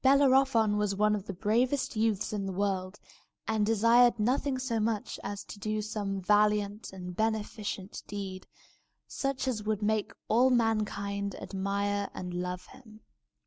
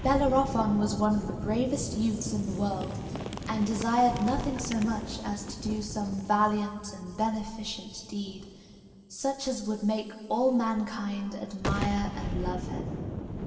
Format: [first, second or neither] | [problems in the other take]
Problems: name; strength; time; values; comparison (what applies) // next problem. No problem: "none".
first | background sound (Boom); 7 dB below the speech // room echo; dies away in 2.7 s